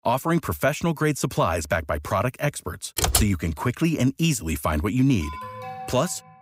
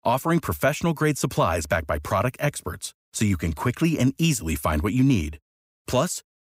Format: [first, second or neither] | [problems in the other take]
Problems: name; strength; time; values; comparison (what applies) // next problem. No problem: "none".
second | keyboard typing; loud; at 3 s; peak 3 dB above the speech // alarm; faint; from 5 s on; peak 10 dB below the speech